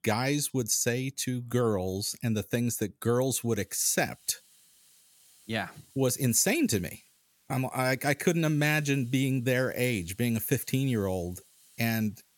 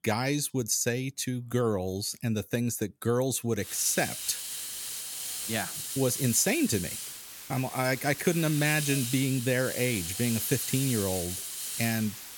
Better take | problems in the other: first | hiss; loud; from 3.5 s on; 5 dB below the speech; faint in the first

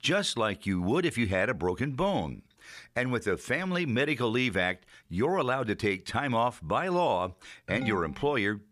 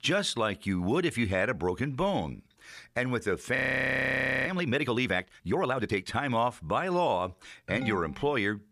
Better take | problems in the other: first | audio freezing; at 3.5 s for 1 s

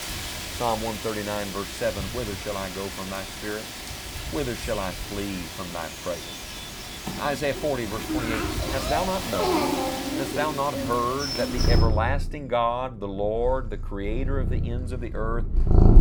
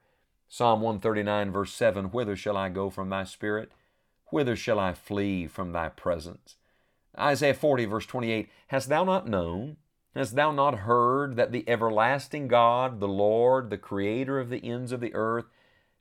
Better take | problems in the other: second | animal sounds; very loud; throughout; 1 dB above the speech

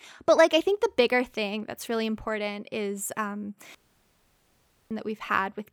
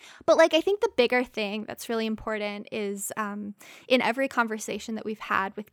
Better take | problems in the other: second | audio cutting out; at 4 s for 1 s

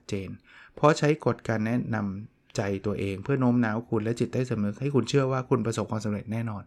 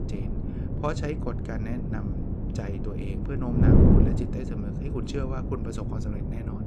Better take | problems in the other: first | wind noise on the microphone; heavy; 2 dB above the speech

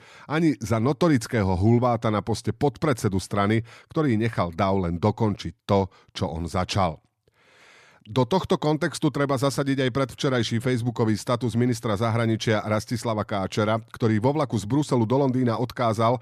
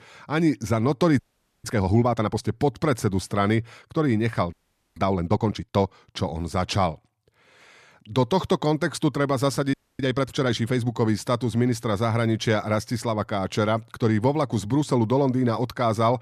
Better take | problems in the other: first | audio freezing; at 1 s, at 4.5 s and at 9.5 s

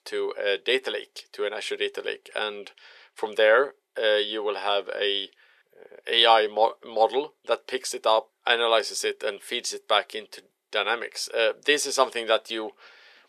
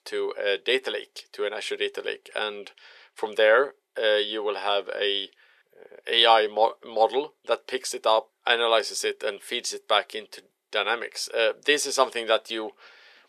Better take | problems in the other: neither | thin; very; fading below 400 Hz; the same in both

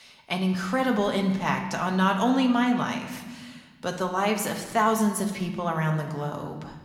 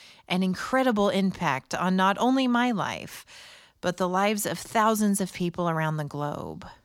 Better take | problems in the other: second | room echo; slight; dies away in 1.1 s

